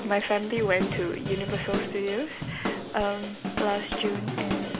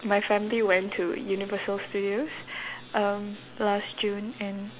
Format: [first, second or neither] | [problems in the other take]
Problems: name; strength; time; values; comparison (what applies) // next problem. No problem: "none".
second | background sound (Drum / Drum kit); 3 dB below the speech